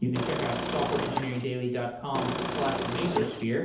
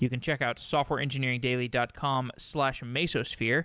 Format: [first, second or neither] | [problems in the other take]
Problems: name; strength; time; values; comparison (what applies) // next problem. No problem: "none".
second | background sound (Engine / Car); 1 dB below the speech // room echo; dies away in 2.2 s